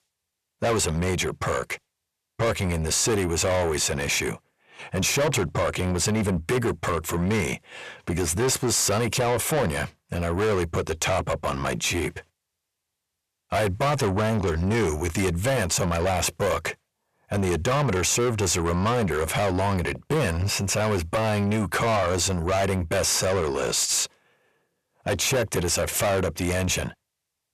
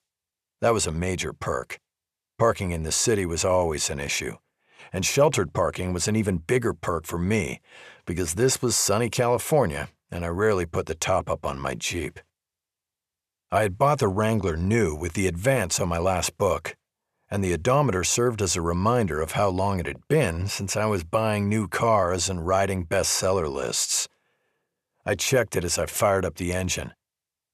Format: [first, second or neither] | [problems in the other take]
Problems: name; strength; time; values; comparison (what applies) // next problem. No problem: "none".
second | distortion; heavy; 7 dB below the speech